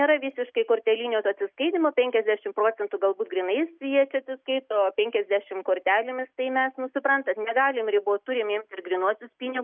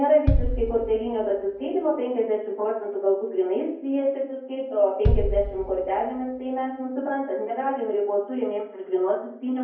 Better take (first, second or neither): first